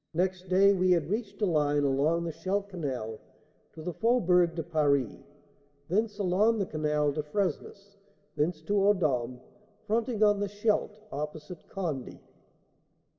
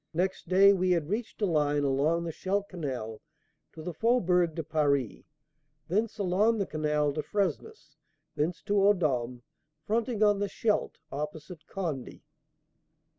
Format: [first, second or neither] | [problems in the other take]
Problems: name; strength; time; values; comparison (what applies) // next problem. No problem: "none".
second | room echo; dies away in 1.4 s